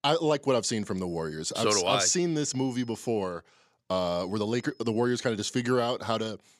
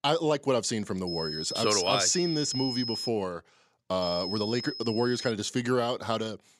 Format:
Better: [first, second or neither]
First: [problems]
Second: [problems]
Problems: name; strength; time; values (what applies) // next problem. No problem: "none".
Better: first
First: high-pitched whine; faint; from 1 to 3 s and from 4 to 5.5 s; 5 kHz, 30 dB below the speech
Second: high-pitched whine; loud; from 1 to 3 s and from 4 to 5.5 s; 5 kHz, 5 dB below the speech